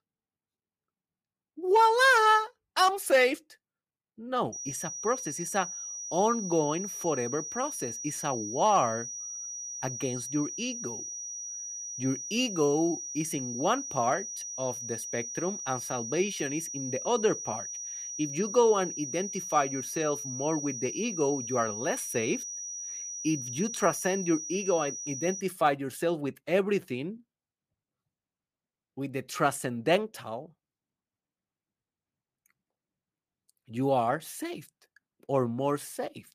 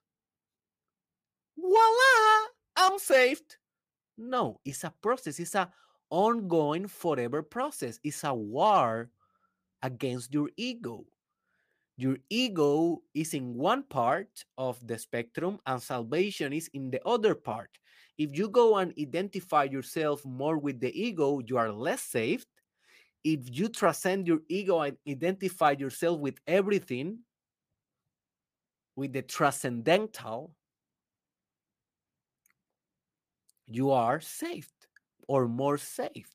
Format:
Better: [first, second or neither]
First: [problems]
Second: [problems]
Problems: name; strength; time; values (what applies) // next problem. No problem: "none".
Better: second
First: high-pitched whine; loud; from 4.5 to 25 s; 6 kHz, 6 dB below the speech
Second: none